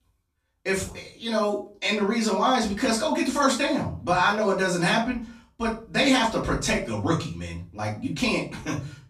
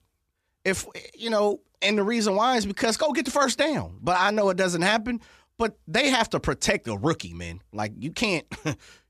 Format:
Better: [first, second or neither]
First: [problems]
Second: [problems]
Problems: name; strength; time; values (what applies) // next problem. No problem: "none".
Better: second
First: off-mic speech; far // room echo; slight; dies away in 0.3 s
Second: none